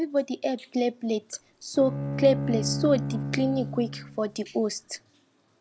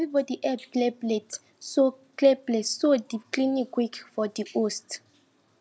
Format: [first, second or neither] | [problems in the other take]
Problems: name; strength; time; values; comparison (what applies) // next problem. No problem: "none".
second | background sound (Bowed string instrument); 5 dB below the speech